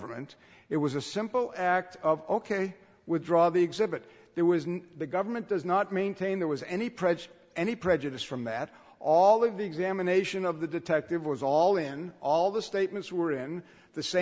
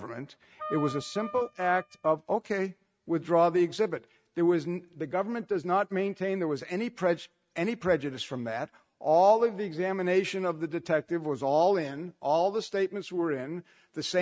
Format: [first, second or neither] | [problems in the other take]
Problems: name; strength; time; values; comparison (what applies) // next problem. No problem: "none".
first | noise reduction (neural mask model RNNoise)